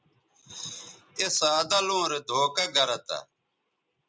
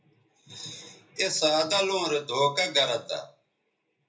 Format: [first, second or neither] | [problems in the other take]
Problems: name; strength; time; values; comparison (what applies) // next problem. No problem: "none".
first | room echo; dies away in 0.3 s